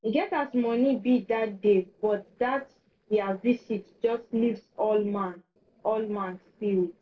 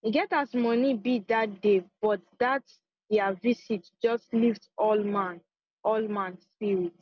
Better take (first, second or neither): second